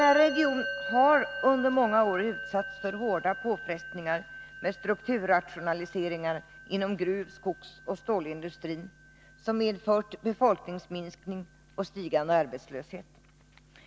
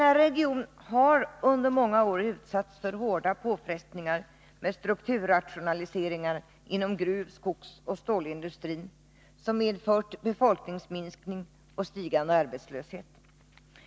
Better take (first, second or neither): second